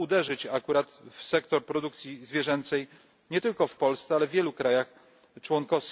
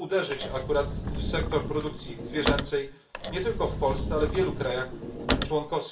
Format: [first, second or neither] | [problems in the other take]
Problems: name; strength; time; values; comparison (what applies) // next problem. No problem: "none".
first | background sound (Sliding door / Slam / Wood); 2 dB below the speech // room echo; dies away in 0.3 s